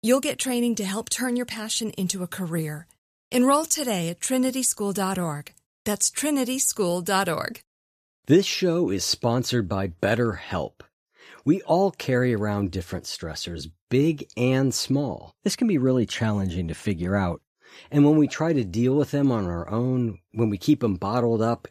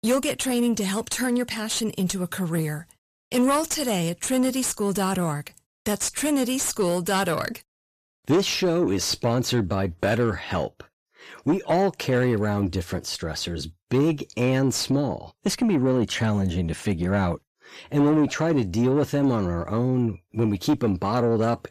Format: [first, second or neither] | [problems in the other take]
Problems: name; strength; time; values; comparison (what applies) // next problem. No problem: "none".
first | distortion; slight; 10 dB below the speech